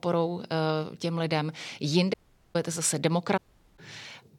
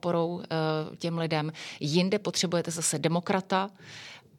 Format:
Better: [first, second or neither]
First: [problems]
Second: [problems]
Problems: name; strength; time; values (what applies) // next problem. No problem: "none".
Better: second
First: audio cutting out; at 2 s and at 3.5 s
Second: none